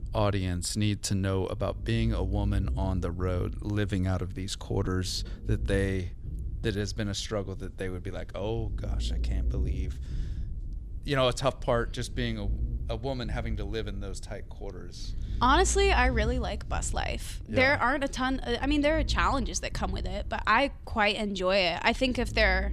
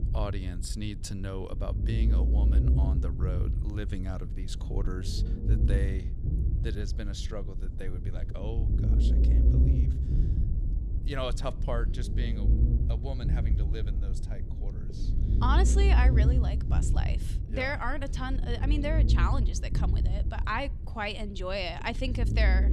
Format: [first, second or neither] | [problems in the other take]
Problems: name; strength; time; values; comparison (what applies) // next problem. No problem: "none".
first | low rumble; loud; throughout; 8 dB below the speech; faint in the first